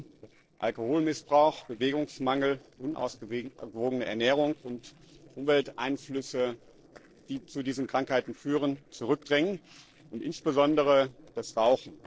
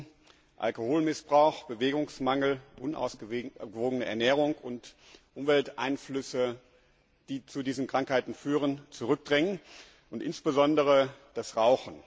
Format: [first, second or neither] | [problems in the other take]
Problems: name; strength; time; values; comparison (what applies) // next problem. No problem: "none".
second | noise reduction (neural separator model SepFormer DNS4)